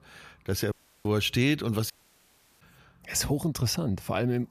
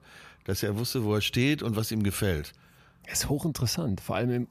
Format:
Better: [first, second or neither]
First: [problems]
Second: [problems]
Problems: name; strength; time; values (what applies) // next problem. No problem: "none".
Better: second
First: audio cutting out; at 0.5 s and at 2 s for 0.5 s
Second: none